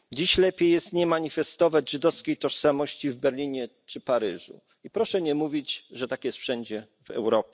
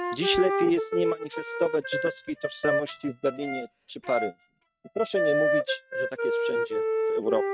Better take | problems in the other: first | noise reduction (neural mask model RNNoise)

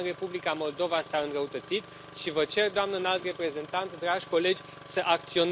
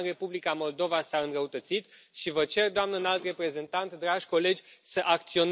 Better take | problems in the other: second | background sound (Engine starting); 17 dB below the speech

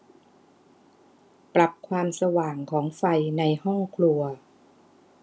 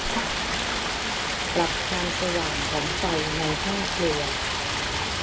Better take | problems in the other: first | background sound (Toilet flush + Stream); 5 dB above the speech

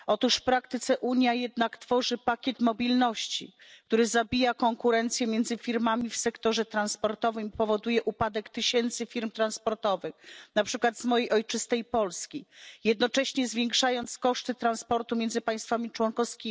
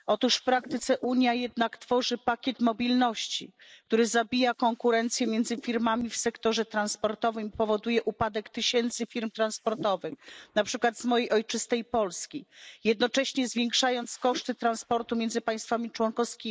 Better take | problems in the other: first | noise reduction (neural mask model Resemble Enhance denoiser)

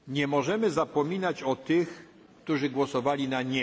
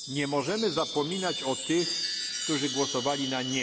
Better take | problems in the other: first | background sound (Chime); 4 dB below the speech

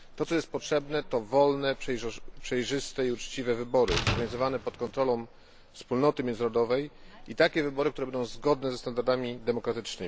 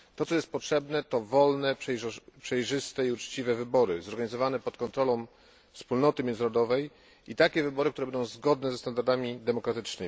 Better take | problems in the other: second | background sound (Slam); 11 dB below the speech

